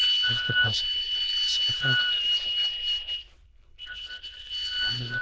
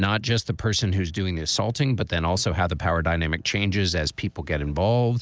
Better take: second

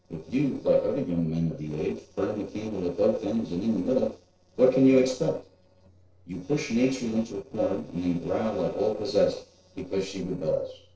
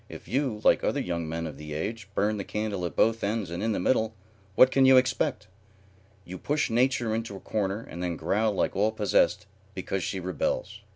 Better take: second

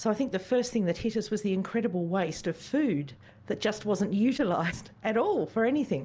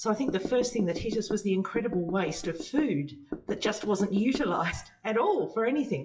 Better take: first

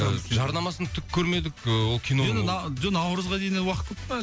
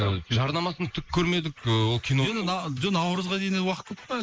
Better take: first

